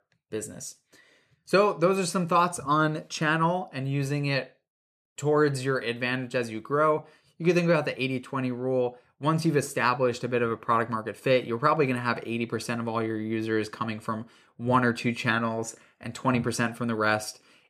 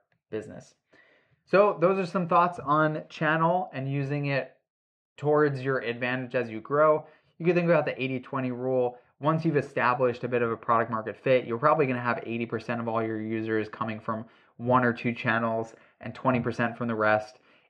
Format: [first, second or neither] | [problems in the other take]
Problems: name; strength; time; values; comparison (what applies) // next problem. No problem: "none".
first | muffled; slightly; fading above 2.5 kHz